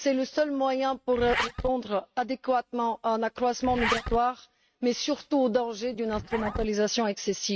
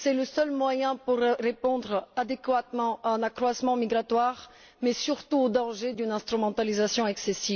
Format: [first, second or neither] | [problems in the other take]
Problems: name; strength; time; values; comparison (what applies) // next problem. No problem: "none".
second | noise reduction (neural mask model RNNoise)